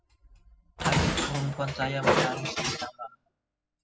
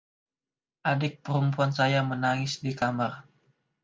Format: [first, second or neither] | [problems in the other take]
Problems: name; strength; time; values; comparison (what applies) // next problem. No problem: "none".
second | noise reduction (classical method spectral subtraction)